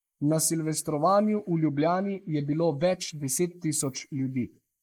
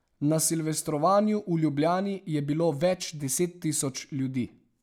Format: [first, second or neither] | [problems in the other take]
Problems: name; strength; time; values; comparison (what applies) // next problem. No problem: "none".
second | noise reduction (neural mask model Resemble Enhance denoiser)